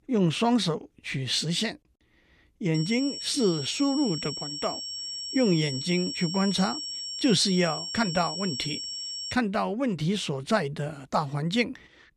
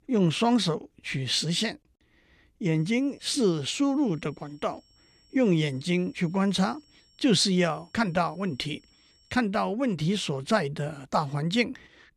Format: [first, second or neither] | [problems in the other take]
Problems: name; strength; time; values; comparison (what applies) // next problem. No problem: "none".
second | high-pitched whine; loud; from 2.5 to 9.5 s; 5.5 kHz, 5 dB below the speech; faint in the second